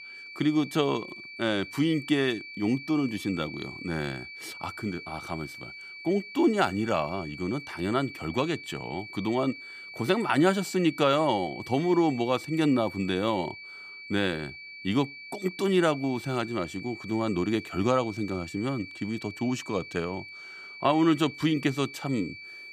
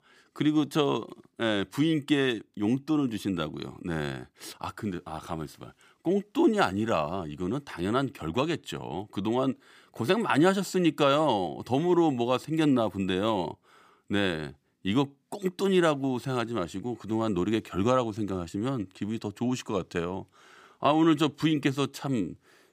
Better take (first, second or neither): second